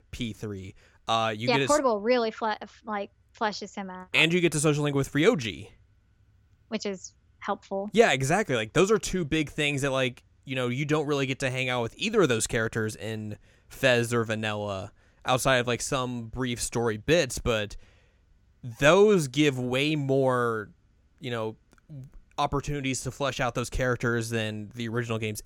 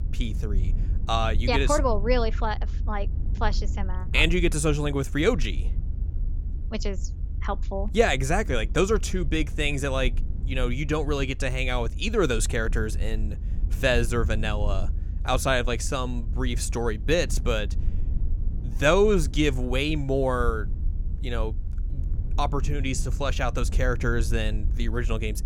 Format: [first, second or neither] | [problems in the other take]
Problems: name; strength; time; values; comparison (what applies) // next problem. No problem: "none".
first | low rumble; faint; throughout; 20 dB below the speech